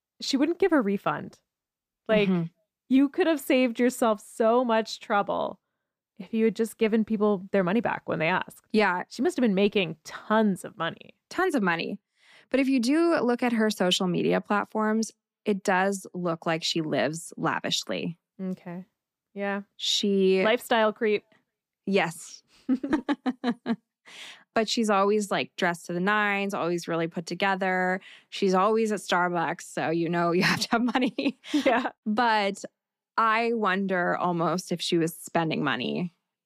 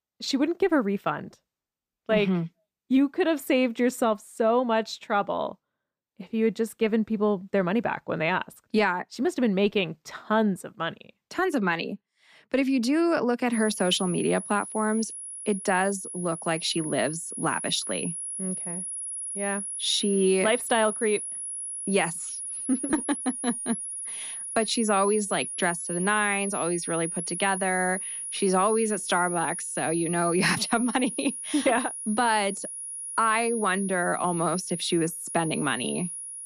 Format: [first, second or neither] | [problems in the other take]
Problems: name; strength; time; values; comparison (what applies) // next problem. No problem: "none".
first | high-pitched whine; loud; from 14 s on; 10.5 kHz, 6 dB below the speech